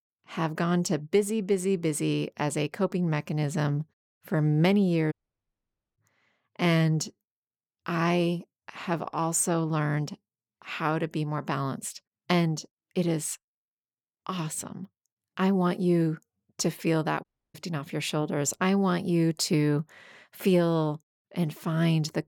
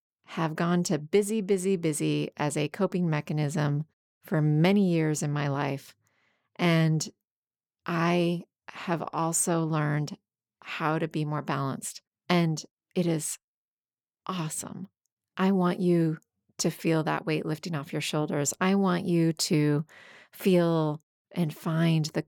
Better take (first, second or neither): second